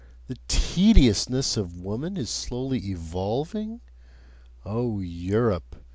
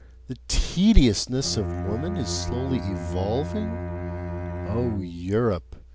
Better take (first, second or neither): first